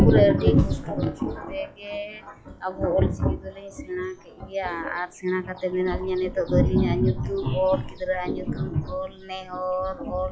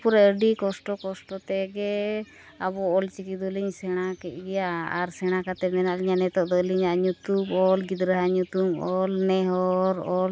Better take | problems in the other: second | noise reduction (classical method log-MMSE)

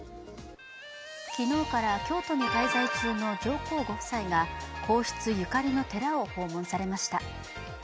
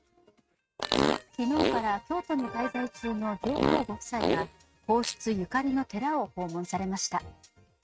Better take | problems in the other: first | noise reduction (neural mask model RNNoise)

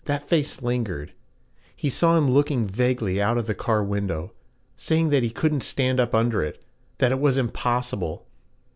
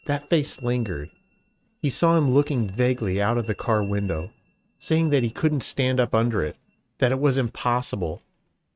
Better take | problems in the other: first | noise reduction (neural mask model RNNoise)

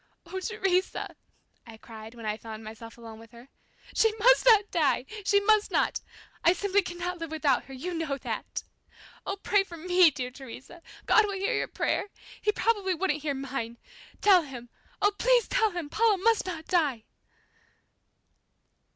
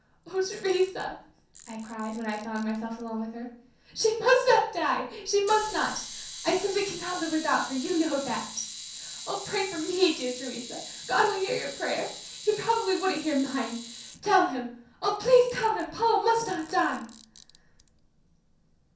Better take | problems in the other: first | background sound (Camera); 15 dB below the speech // room echo; dies away in 0.6 s

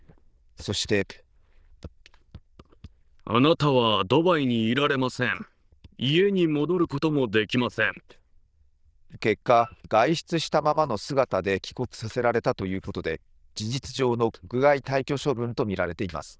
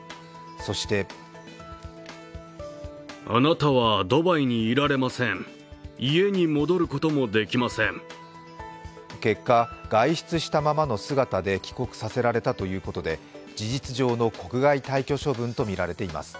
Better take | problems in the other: second | noise reduction (neural diffusion model UNIVERSE++)

